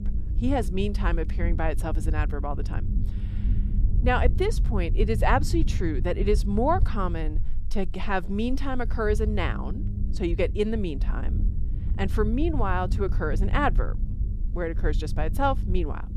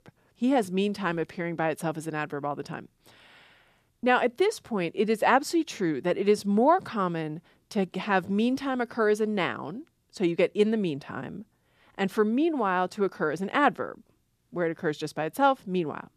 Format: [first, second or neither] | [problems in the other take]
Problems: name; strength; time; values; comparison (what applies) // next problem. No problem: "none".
second | low rumble; noticeable; throughout; 15 dB below the speech